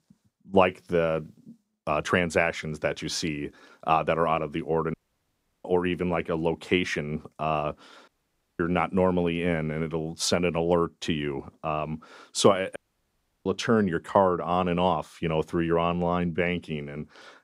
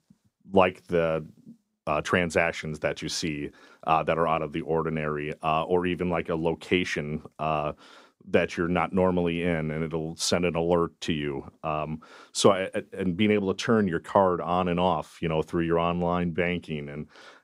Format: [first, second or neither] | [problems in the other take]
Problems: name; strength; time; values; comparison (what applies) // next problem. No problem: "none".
second | audio cutting out; at 5 s for 0.5 s, at 8 s for 0.5 s and at 13 s for 0.5 s